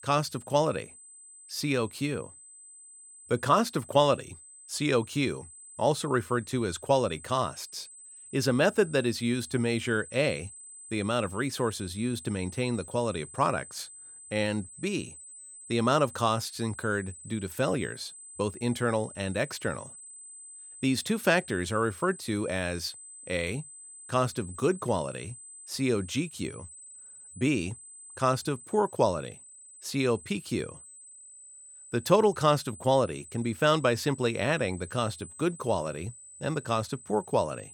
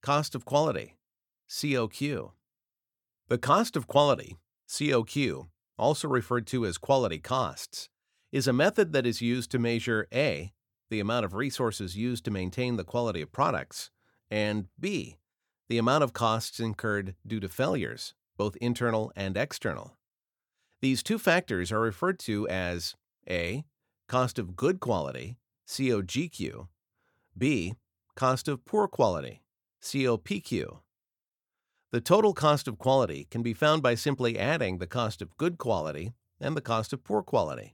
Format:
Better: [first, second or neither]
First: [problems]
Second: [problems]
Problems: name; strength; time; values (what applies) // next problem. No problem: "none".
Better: second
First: high-pitched whine; noticeable; throughout; 8 kHz, 15 dB below the speech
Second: none